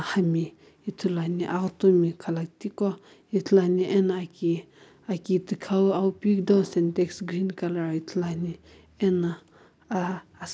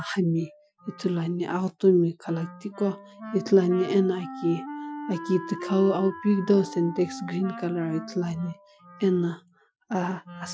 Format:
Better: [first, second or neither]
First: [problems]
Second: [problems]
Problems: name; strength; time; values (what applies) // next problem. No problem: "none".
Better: first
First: none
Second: noise reduction (classical method Wiener filter)